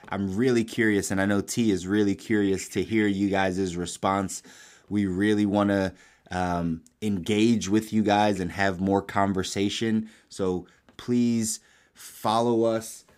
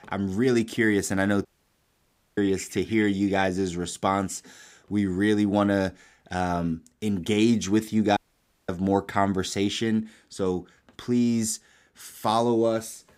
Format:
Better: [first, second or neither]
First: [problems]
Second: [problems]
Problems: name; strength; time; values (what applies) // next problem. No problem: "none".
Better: first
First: none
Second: audio cutting out; at 1.5 s for 1 s and at 8 s for 0.5 s